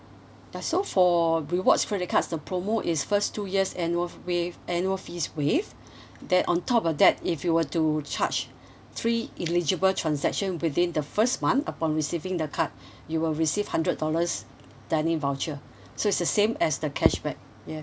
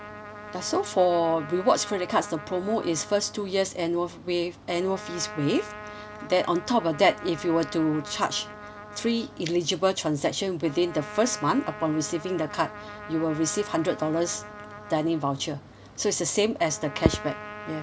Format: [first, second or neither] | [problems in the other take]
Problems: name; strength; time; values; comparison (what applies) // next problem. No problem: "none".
first | background sound (Trumpet); 15 dB below the speech